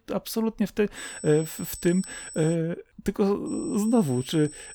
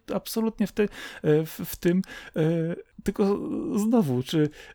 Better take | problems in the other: second | high-pitched whine; noticeable; from 1 to 2.5 s and from 3.5 s on; 8 kHz, 15 dB below the speech

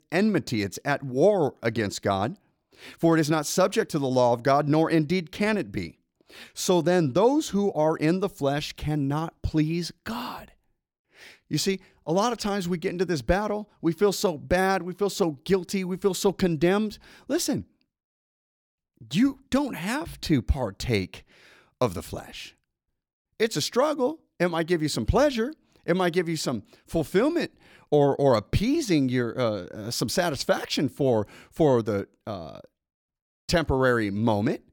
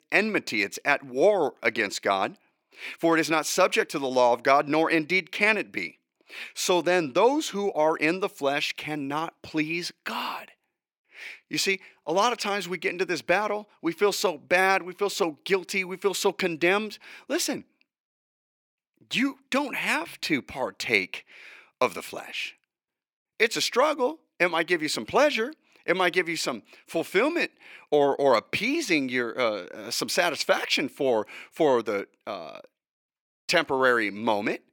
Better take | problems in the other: first | thin; somewhat; fading below 300 Hz

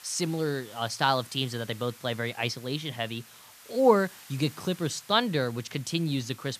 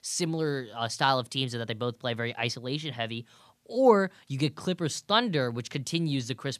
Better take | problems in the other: second | hiss; noticeable; throughout; 20 dB below the speech

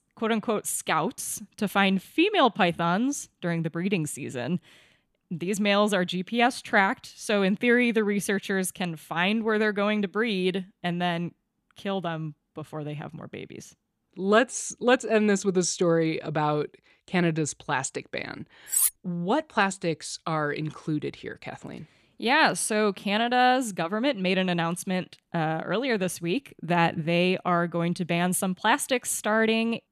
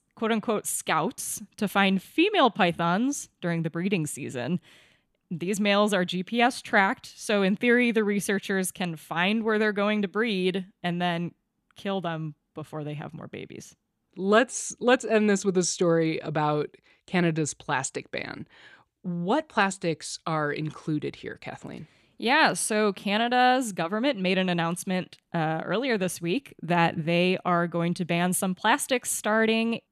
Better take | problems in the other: second | clattering dishes; loud; at 19 s; peak 3 dB above the speech

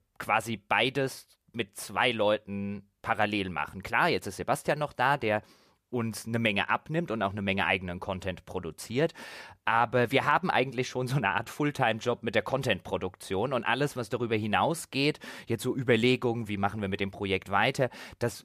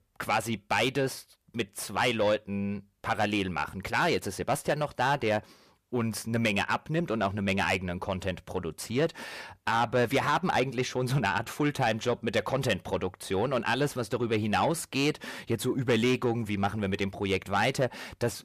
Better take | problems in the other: first | distortion; slight; 10 dB below the speech

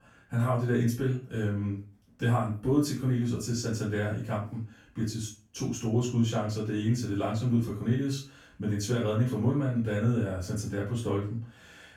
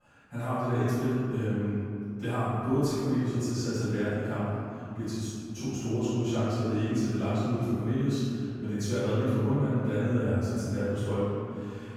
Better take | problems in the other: first | room echo; strong; dies away in 2.4 s; slight in the first // off-mic speech; far; far in the first

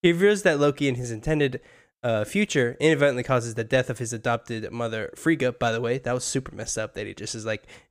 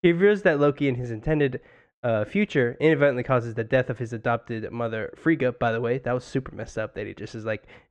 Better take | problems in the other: first | muffled; very; fading above 2.5 kHz

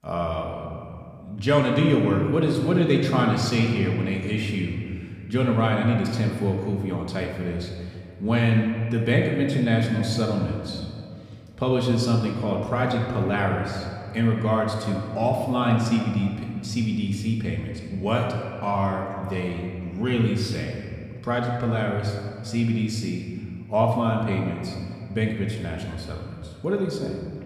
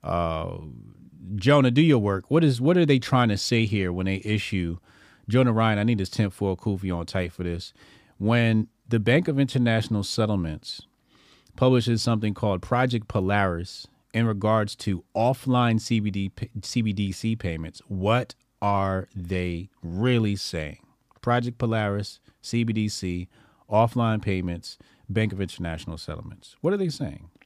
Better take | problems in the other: second | room echo; noticeable; dies away in 1.9 s // off-mic speech; somewhat distant

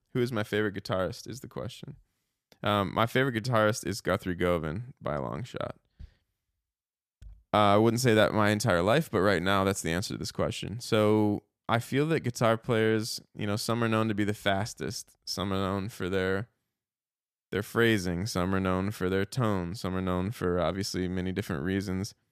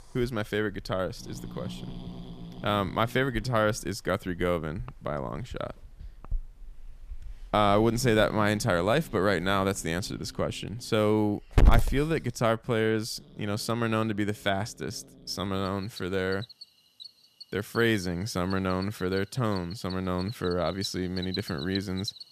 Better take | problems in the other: first | animal sounds; loud; throughout; 9 dB below the speech

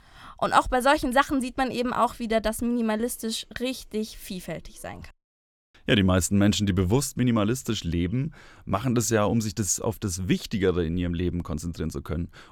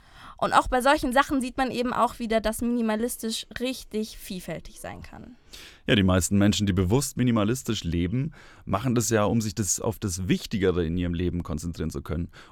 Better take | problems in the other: second | audio cutting out; at 5 s for 0.5 s

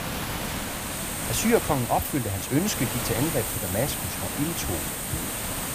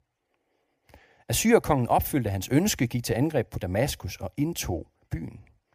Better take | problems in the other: second | hiss; loud; throughout; 1 dB below the speech

